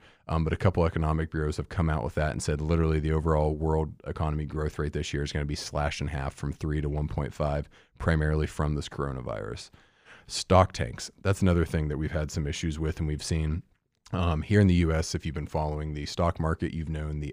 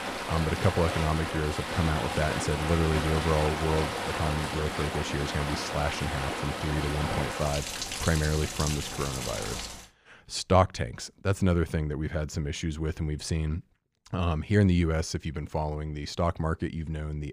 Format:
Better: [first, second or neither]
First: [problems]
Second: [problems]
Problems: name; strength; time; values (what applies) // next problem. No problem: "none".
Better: first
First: none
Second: rain or running water; loud; until 9.5 s; 3 dB below the speech